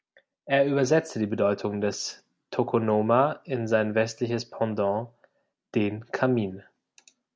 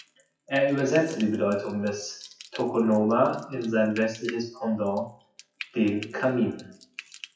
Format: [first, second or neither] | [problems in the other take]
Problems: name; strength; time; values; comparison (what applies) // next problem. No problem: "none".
first | noise reduction (classical method WPE with log-MMSE)